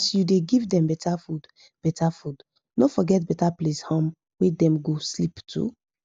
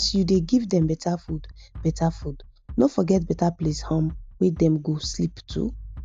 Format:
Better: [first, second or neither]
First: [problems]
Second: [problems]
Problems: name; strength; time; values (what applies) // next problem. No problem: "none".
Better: first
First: none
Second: background sound (Bass drum); 14 dB below the speech